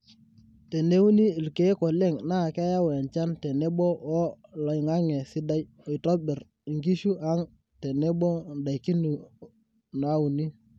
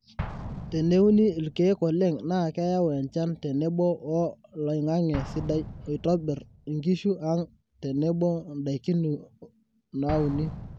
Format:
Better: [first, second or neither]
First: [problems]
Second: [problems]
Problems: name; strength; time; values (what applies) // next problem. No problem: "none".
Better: first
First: none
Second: background sound (Explosion); 15 dB below the speech